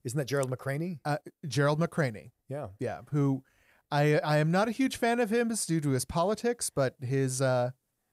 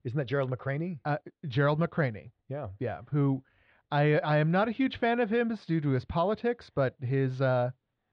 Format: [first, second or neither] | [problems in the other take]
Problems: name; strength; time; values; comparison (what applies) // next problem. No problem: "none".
first | muffled; slightly; fading above 3.5 kHz